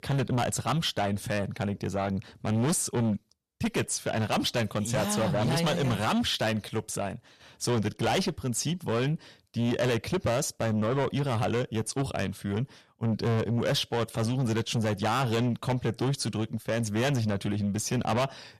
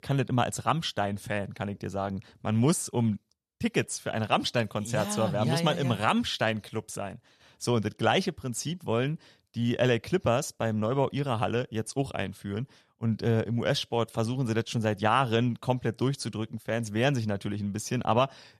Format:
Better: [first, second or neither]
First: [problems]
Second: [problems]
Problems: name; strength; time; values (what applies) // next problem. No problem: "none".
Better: second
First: distortion; heavy; 7 dB below the speech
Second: none